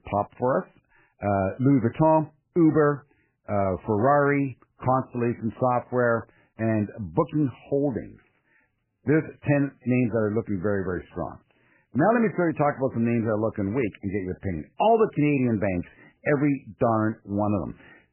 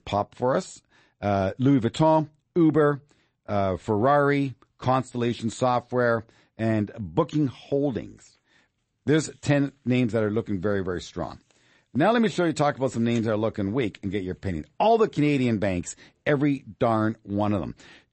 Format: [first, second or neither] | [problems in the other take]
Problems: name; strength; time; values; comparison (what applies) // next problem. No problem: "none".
second | garbled, watery; badly; nothing above 3 kHz; slightly in the second